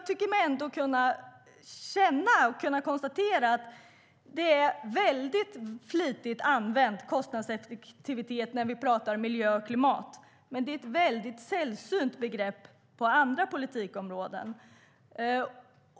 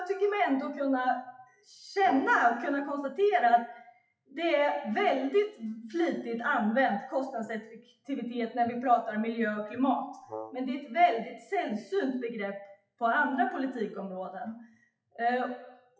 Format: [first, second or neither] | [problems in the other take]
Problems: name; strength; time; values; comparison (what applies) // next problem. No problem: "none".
first | noise reduction (classical method WPE with log-MMSE)